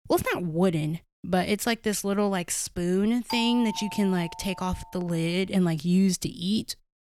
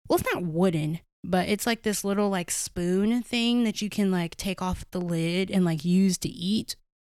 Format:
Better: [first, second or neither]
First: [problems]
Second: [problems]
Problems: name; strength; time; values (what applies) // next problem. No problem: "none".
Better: second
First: doorbell; noticeable; from 3.5 to 5 s; peak 7 dB below the speech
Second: none